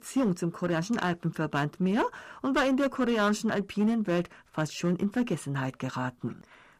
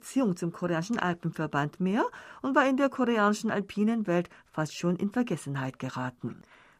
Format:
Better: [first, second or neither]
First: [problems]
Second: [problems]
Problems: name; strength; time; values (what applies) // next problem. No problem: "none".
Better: second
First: distortion; slight; 5% of the sound clipped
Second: none